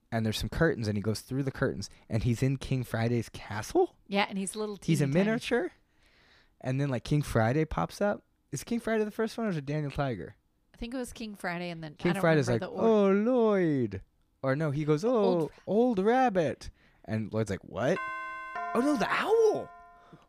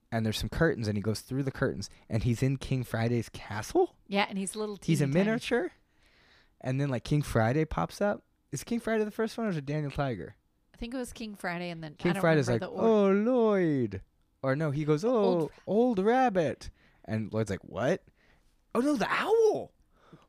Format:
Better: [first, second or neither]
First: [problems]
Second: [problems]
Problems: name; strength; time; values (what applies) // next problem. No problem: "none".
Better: second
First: doorbell; noticeable; from 18 s on; peak 7 dB below the speech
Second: none